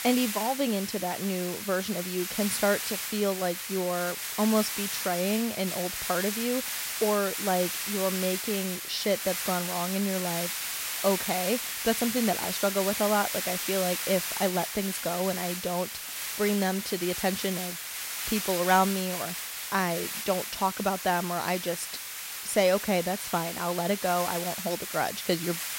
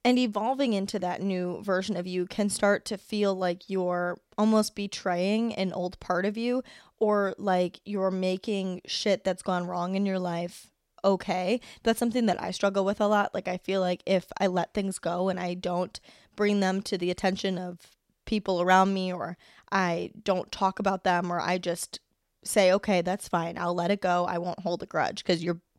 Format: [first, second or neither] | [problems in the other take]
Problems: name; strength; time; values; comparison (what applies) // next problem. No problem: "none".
second | hiss; loud; throughout; 3 dB below the speech